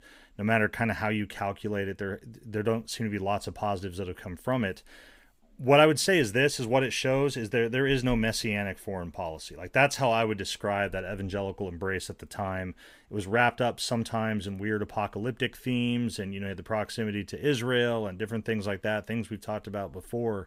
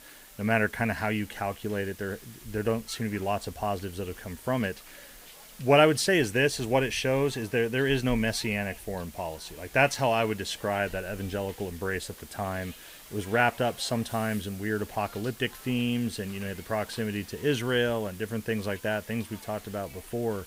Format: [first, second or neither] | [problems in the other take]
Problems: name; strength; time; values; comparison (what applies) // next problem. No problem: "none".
first | hiss; noticeable; throughout; 20 dB below the speech